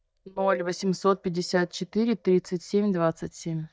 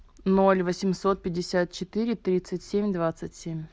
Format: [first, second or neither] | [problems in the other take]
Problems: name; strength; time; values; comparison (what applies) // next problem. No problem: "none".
second | noise reduction (neural mask model DeepFilterNet 3)